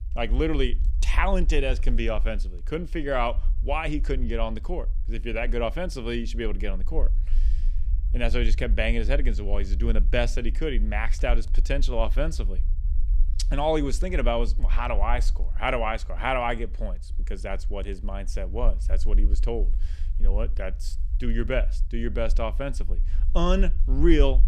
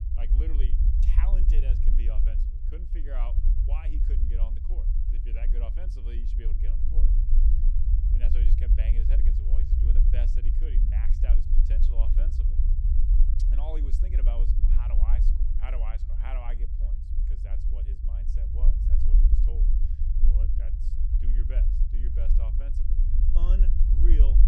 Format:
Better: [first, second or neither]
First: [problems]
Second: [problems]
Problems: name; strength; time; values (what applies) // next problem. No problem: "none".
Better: first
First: low rumble; faint; throughout; 25 dB below the speech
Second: low rumble; loud; throughout; 1 dB below the speech